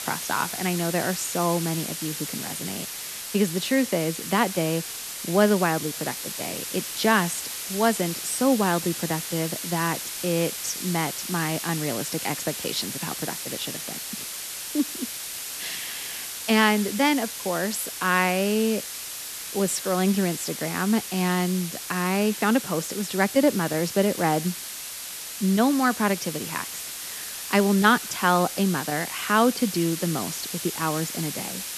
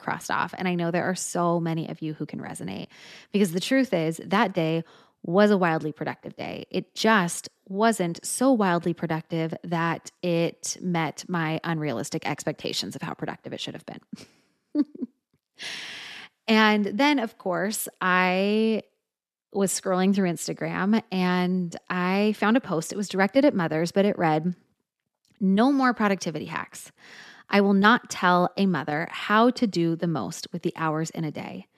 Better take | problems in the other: second | hiss; loud; throughout; 6 dB below the speech

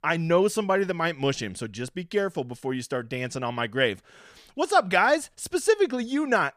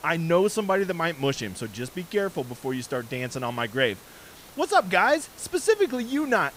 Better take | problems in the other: first | hiss; faint; throughout; 20 dB below the speech

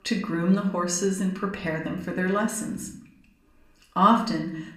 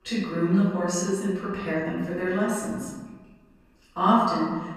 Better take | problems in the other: first | room echo; strong; dies away in 1.3 s; slight in the first // off-mic speech; far; somewhat distant in the first

